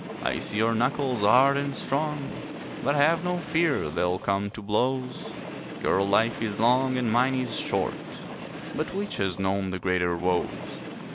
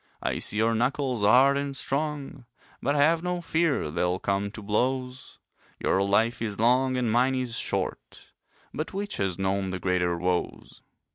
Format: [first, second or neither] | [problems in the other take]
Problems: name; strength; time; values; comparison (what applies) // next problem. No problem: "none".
second | background sound (Train); 10 dB below the speech